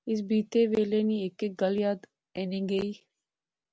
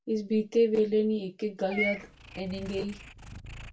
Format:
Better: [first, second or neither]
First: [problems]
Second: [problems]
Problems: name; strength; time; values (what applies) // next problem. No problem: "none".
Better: first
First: none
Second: background sound (Meow / Purr); 12 dB below the speech // room echo; dies away in 0.2 s